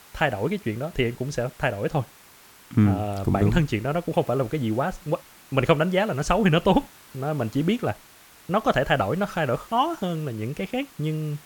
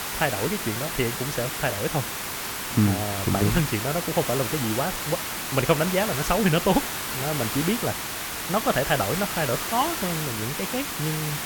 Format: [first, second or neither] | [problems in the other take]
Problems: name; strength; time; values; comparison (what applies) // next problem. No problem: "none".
first | hiss; loud; throughout; 2 dB below the speech; faint in the first